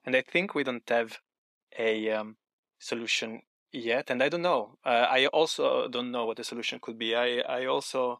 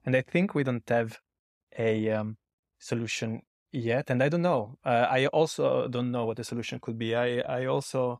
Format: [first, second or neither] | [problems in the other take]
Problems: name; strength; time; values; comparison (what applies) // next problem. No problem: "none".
second | thin; very slightly; fading below 250 Hz